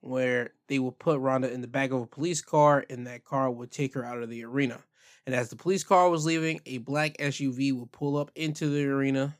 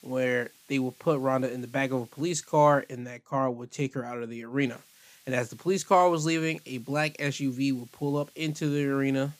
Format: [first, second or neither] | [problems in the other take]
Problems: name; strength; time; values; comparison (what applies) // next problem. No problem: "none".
first | hiss; faint; until 3 s and from 4.5 s on; 25 dB below the speech